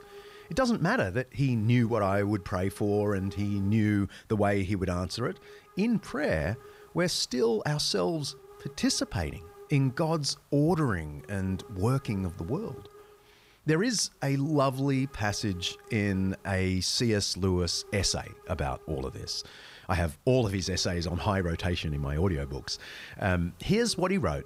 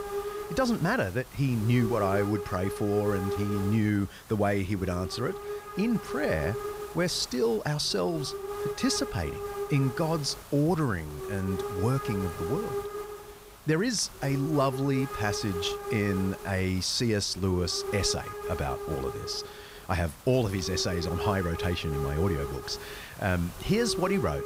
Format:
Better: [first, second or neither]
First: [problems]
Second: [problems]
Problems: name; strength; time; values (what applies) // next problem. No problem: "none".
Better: first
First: hiss; faint; throughout; 25 dB below the speech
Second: hiss; loud; throughout; 8 dB below the speech